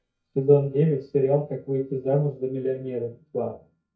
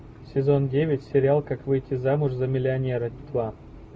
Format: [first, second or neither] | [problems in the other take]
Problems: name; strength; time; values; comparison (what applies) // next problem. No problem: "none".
second | noise reduction (neural mask model DeepFilterNet 3)